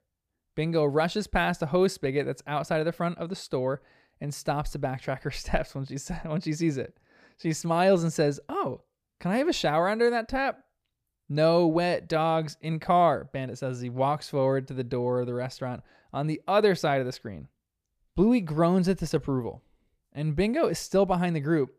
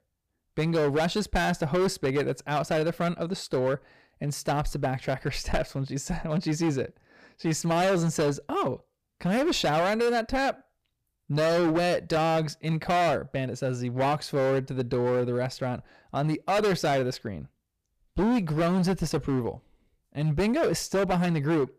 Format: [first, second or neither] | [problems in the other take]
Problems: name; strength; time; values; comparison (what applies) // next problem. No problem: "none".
first | distortion; heavy; 14% of the sound clipped